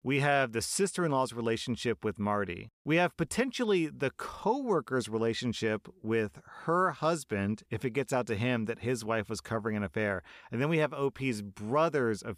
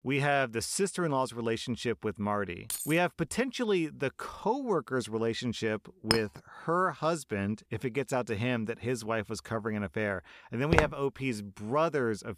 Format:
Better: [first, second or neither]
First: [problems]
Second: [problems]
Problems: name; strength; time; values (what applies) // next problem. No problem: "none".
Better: first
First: none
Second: jangling keys; noticeable; at 2.5 s; peak 4 dB below the speech // clattering dishes; loud; at 6 s; peak 1 dB above the speech // footsteps; loud; at 11 s; peak 3 dB above the speech